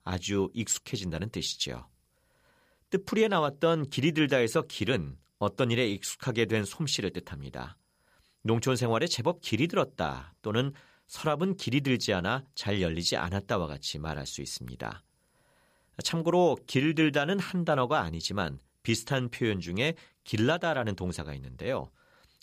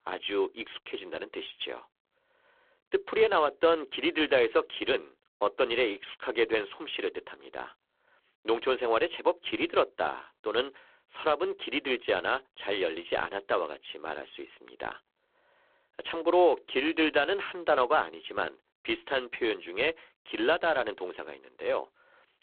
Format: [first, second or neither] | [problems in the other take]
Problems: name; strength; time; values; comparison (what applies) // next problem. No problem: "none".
first | phone-call audio; poor line